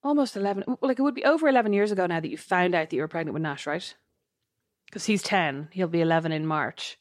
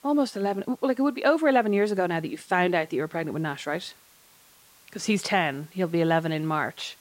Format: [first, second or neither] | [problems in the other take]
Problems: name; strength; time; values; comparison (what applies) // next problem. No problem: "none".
first | hiss; faint; throughout; 30 dB below the speech